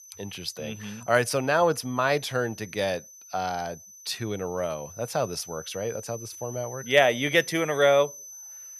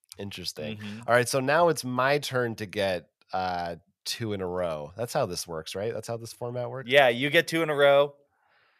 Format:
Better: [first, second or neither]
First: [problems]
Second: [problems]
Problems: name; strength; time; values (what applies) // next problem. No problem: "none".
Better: second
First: high-pitched whine; noticeable; throughout; 6 kHz, 15 dB below the speech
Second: none